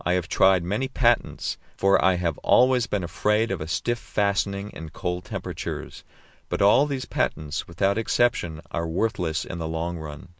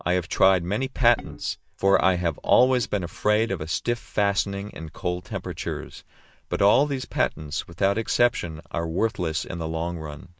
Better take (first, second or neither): first